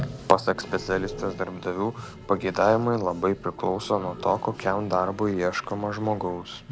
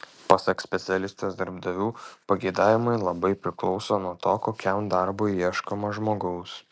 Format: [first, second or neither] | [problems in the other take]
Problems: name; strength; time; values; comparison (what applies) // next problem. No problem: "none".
second | background sound (Toilet flush); 13 dB below the speech